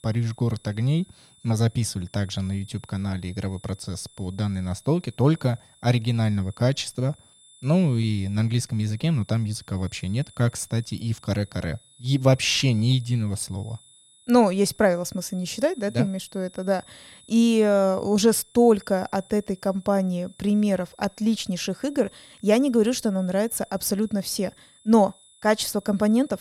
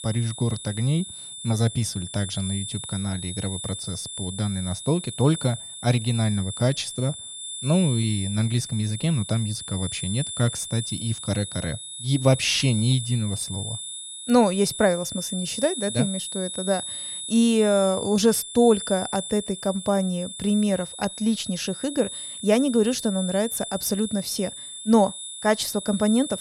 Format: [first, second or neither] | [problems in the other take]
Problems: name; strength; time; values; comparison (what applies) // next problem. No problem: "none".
first | high-pitched whine; loud; throughout; 3.5 kHz, 8 dB below the speech; faint in the first